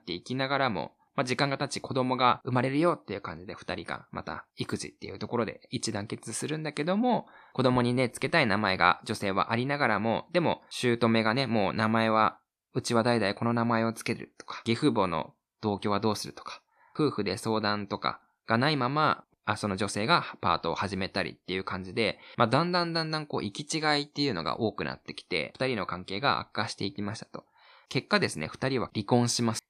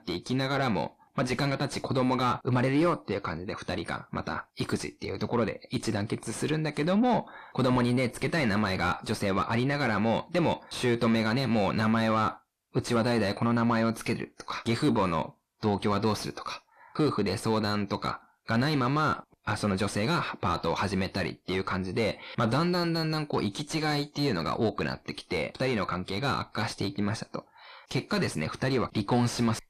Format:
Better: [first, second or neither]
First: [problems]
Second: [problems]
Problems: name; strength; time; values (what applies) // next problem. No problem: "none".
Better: first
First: none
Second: distortion; heavy; 6 dB below the speech